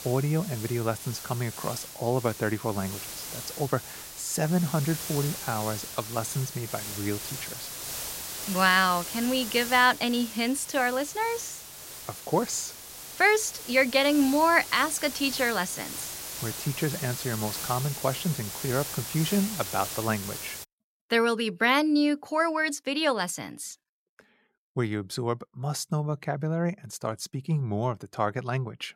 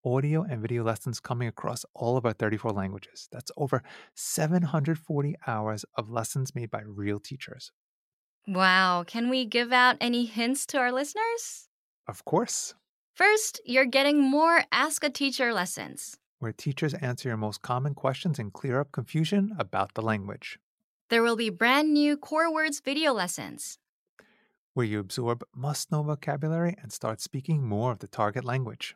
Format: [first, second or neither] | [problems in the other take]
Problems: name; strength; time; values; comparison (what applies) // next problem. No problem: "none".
second | hiss; loud; until 21 s; 8 dB below the speech